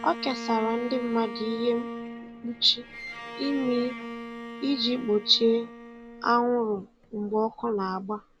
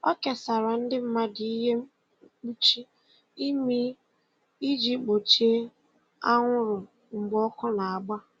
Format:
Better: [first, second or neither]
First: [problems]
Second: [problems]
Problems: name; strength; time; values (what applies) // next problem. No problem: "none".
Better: second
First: background sound (Bowed string instrument); 11 dB below the speech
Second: none